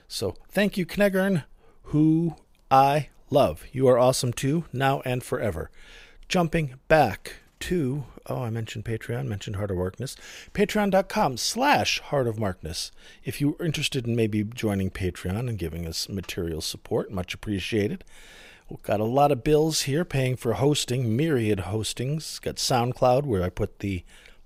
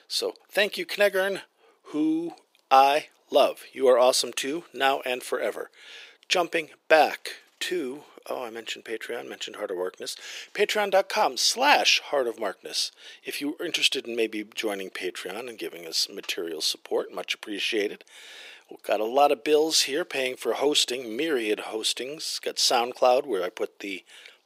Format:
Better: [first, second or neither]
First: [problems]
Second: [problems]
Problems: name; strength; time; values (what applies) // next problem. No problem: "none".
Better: first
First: none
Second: thin; somewhat; fading below 350 Hz